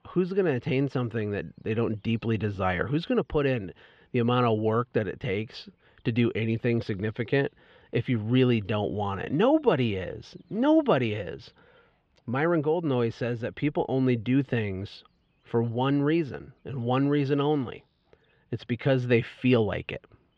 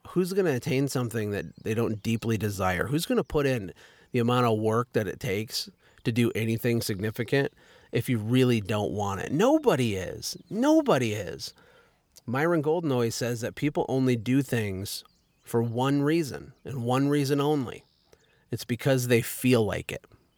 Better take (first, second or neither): second